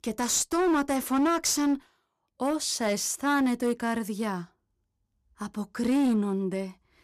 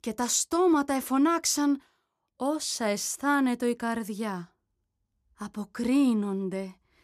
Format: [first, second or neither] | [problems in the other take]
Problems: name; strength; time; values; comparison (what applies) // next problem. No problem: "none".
second | distortion; slight; 10% of the sound clipped